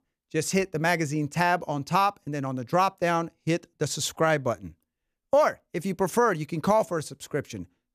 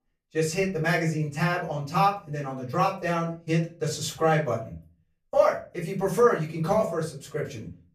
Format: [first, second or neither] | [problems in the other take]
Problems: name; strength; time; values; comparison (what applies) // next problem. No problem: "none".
first | off-mic speech; far // room echo; slight; dies away in 0.3 s